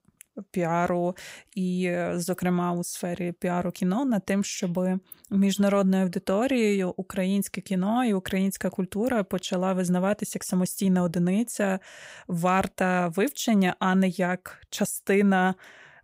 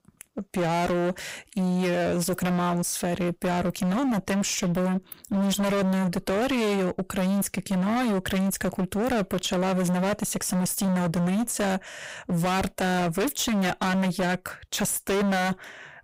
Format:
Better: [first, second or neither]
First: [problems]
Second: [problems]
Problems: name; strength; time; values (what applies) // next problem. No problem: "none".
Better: first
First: none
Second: distortion; heavy; 33% of the sound clipped